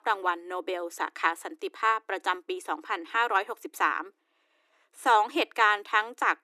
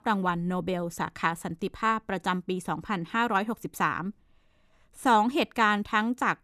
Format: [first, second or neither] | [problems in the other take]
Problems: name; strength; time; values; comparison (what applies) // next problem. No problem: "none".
second | thin; very; fading below 300 Hz